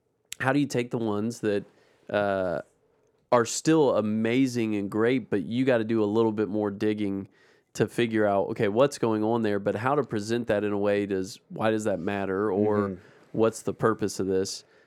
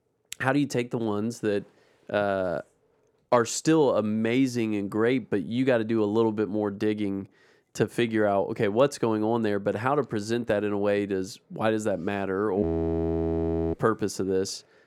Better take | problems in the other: first | audio freezing; at 13 s for 1 s

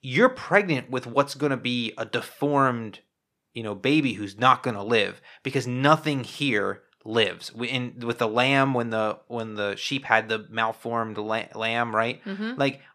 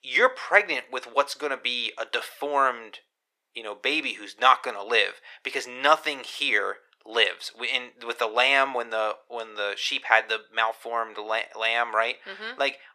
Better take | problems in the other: first | thin; very; fading below 500 Hz

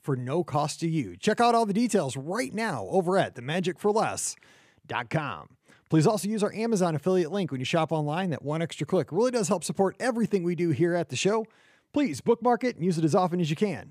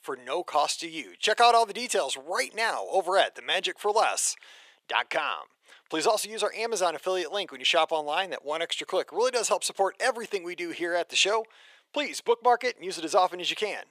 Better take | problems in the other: first | thin; very; fading below 500 Hz

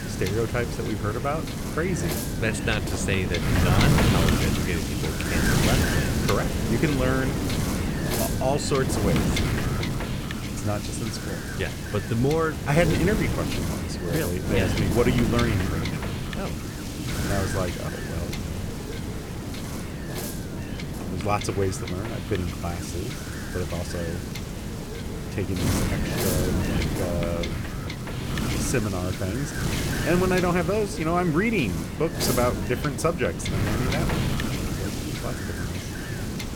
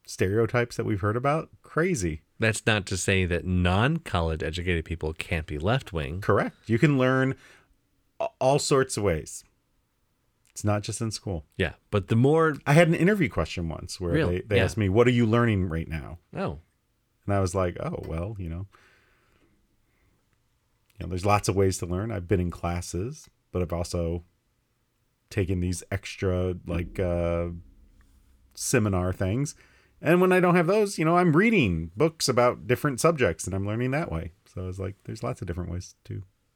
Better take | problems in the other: second | wind noise on the microphone; heavy; 2 dB below the speech

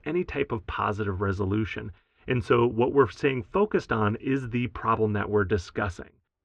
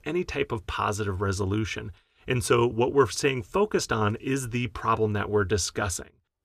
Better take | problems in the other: second | muffled; very; fading above 2 kHz

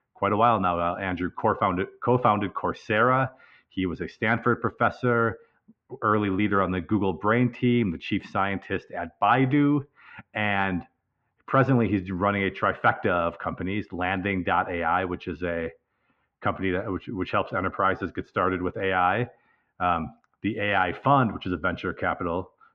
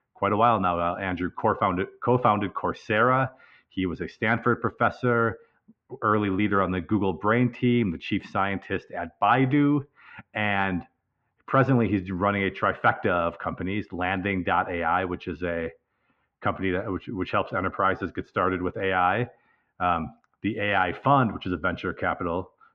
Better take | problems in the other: neither | muffled; very; fading above 2 kHz; the same in both

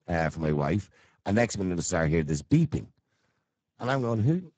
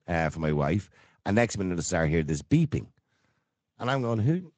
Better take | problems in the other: second | garbled, watery; badly; nothing above 7.5 kHz; slightly in the second

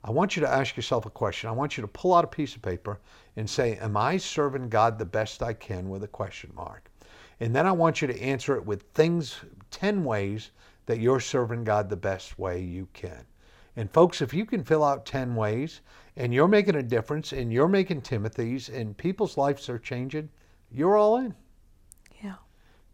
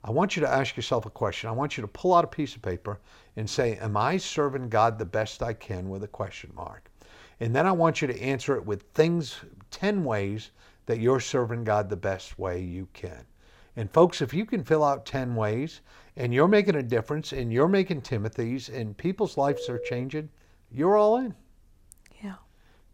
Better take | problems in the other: first | phone ringing; noticeable; at 19 s; peak 8 dB below the speech

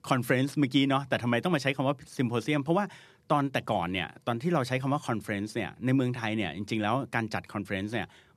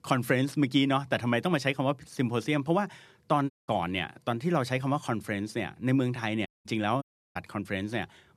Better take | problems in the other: first | audio cutting out; at 3.5 s, at 6.5 s and at 7 s

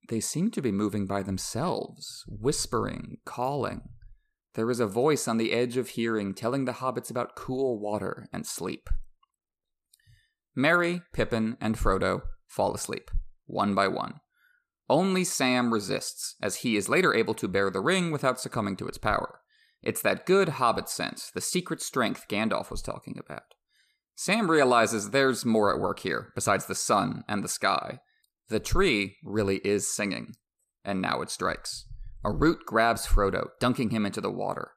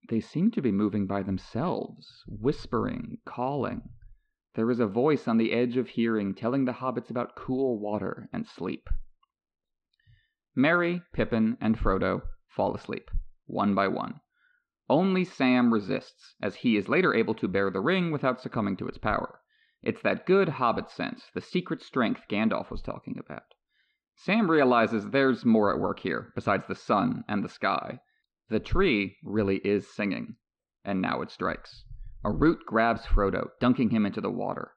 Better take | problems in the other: first | muffled; slightly; fading above 3.5 kHz

